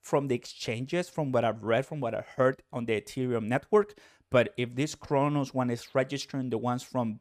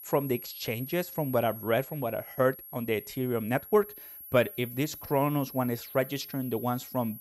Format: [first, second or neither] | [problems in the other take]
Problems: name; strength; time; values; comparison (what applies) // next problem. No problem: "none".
first | high-pitched whine; noticeable; throughout; 11.5 kHz, 10 dB below the speech